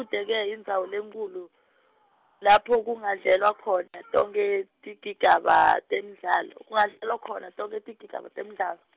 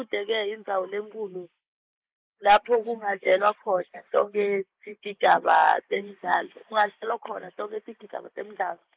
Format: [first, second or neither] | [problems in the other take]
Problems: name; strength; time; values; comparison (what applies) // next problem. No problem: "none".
first | noise reduction (neural mask model Resemble Enhance denoiser)